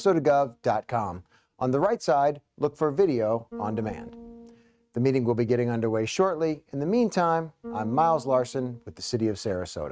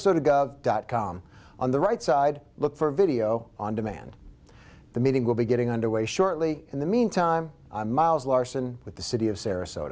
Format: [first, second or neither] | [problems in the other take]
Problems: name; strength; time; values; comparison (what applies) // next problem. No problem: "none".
second | noise reduction (neural mask model RNNoise)